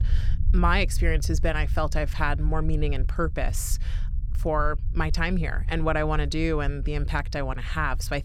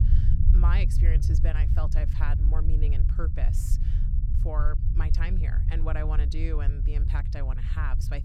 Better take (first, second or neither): first